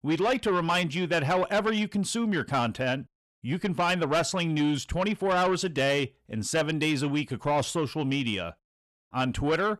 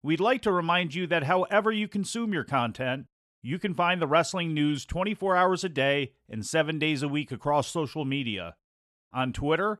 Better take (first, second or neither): second